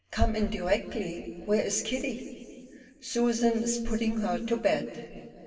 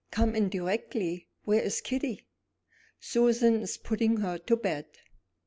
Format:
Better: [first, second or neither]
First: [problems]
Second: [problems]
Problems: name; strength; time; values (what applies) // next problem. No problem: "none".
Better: second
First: room echo; dies away in 2.5 s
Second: none